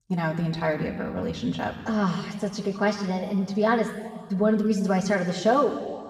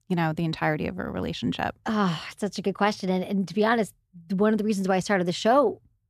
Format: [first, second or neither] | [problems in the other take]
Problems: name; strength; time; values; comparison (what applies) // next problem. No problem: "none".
second | room echo; noticeable; dies away in 1.5 s // off-mic speech; far